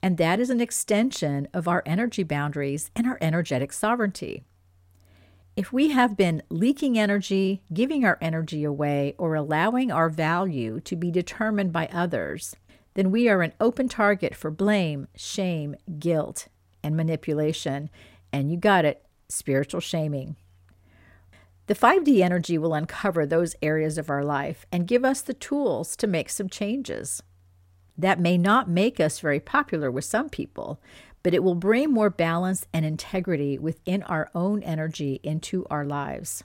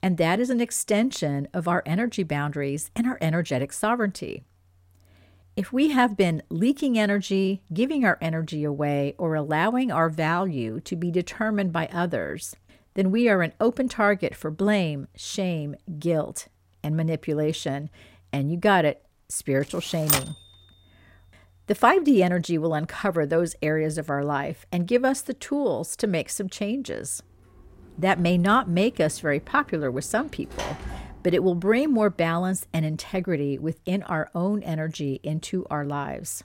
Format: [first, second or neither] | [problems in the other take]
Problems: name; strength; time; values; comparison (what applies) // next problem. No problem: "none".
first | keyboard typing; loud; at 20 s; peak 2 dB above the speech // door banging; noticeable; from 28 to 32 s; peak 9 dB below the speech